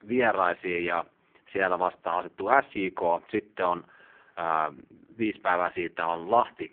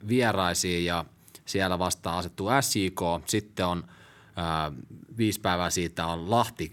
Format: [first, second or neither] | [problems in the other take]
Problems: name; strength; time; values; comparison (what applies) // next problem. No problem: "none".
second | phone-call audio; poor line